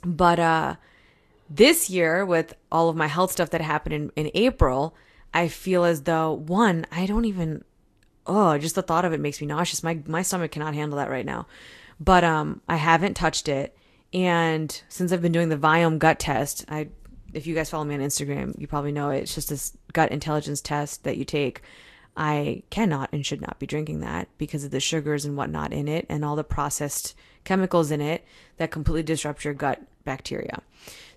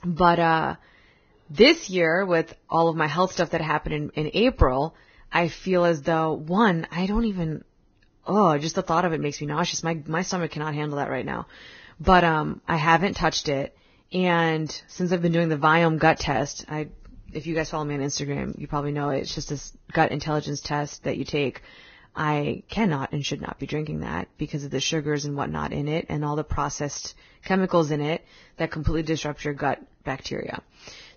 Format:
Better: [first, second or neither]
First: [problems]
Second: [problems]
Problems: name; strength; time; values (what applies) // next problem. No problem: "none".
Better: first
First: garbled, watery; slightly; nothing above 13 kHz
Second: garbled, watery; badly; nothing above 6.5 kHz